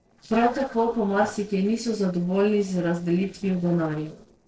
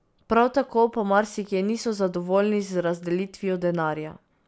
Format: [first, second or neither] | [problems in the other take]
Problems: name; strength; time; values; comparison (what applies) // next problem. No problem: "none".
second | noise reduction (neural separator model SepFormer DNS4)